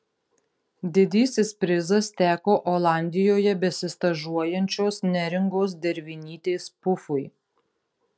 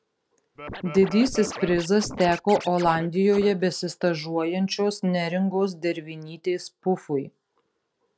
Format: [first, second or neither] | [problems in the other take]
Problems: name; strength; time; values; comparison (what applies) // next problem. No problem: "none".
first | background sound (Scratching (performance technique)); 12 dB below the speech